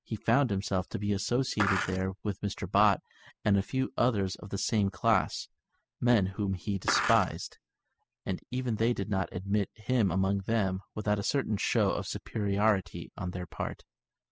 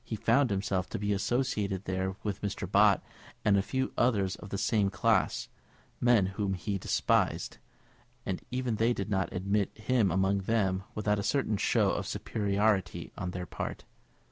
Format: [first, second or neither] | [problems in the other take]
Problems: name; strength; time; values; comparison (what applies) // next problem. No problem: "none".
second | noise reduction (classical method spectral subtraction)